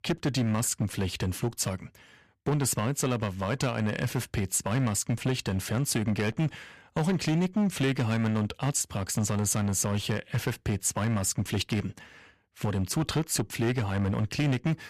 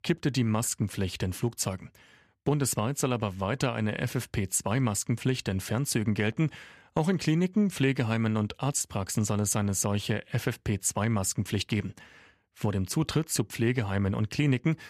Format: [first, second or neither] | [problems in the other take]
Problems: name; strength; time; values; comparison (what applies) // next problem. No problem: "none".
second | distortion; slight; 8% of the sound clipped